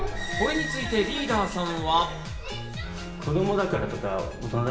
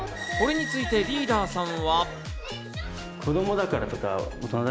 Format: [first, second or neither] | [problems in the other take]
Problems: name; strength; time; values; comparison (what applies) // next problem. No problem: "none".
second | background sound (Engine starting); 13 dB below the speech // room echo; dies away in 1 s